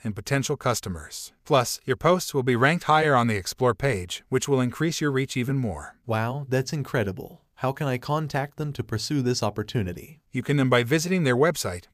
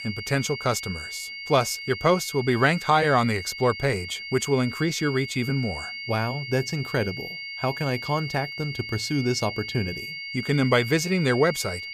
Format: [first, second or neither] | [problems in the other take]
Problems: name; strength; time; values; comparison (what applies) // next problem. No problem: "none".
first | high-pitched whine; loud; throughout; 2 kHz, 8 dB below the speech